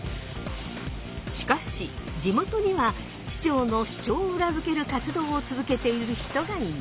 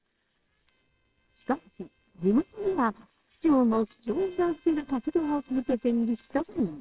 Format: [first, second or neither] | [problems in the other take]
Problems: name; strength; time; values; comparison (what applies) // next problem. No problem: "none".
first | noise reduction (neural separator model SepFormer WHAMR!)